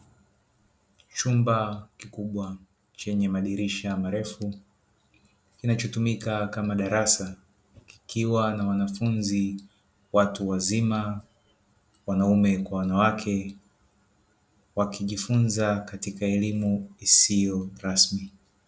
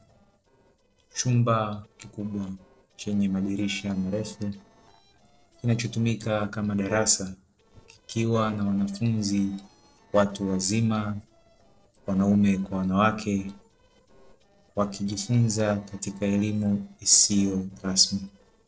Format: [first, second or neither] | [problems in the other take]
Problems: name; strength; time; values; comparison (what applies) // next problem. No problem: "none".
first | noise reduction (neural separator model SepFormer DNS4)